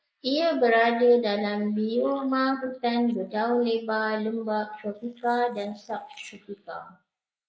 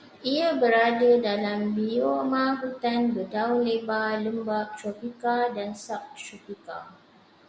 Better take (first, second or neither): second